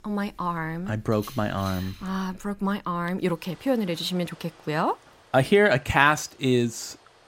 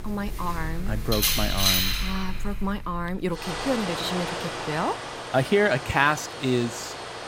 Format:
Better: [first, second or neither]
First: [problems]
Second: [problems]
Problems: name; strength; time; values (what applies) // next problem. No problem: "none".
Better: first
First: household noises; faint; throughout; 25 dB below the speech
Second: household noises; loud; throughout; 1 dB below the speech